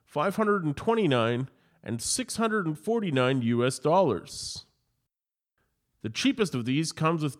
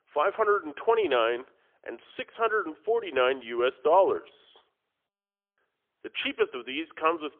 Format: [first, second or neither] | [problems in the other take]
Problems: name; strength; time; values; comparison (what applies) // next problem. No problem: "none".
first | phone-call audio; poor line; nothing above 3.5 kHz